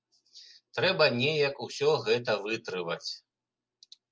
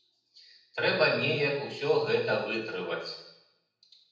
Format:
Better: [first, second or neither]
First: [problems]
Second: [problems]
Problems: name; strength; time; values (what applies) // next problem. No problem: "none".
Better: first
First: none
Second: room echo; dies away in 0.8 s